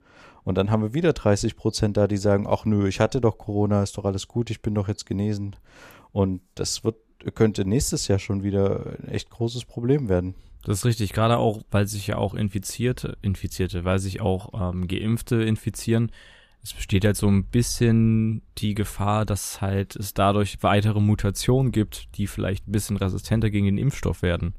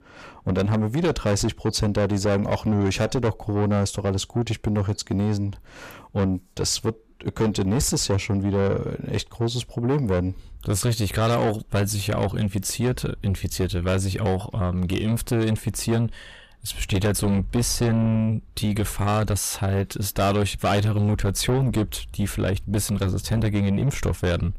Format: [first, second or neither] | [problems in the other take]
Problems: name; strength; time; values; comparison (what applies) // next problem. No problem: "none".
first | distortion; heavy; 8 dB below the speech